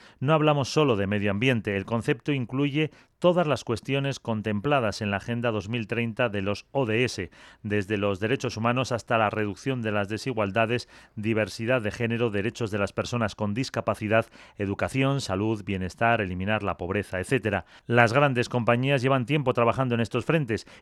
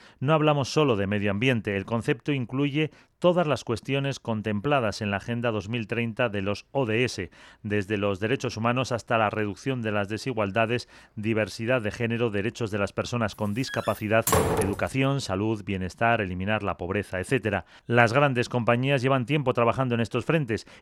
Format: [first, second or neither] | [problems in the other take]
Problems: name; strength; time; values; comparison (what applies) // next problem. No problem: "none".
first | door banging; loud; from 14 to 15 s; peak 4 dB above the speech